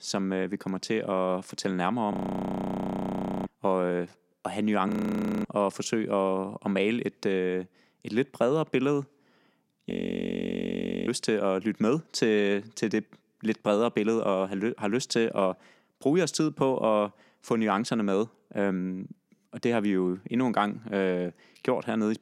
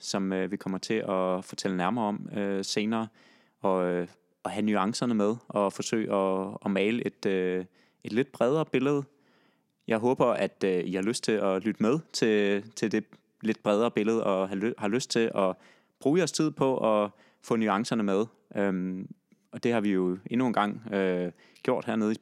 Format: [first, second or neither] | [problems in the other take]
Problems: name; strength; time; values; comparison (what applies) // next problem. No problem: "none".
second | audio freezing; at 2 s for 1.5 s, at 5 s for 0.5 s and at 10 s for 1 s